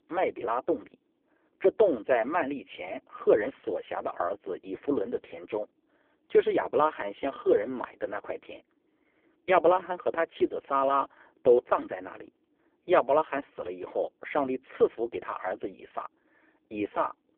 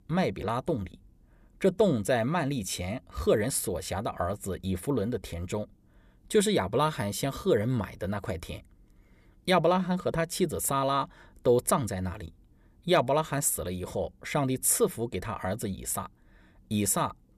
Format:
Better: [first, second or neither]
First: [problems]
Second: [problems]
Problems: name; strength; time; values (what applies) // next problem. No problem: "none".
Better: second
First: phone-call audio; poor line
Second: none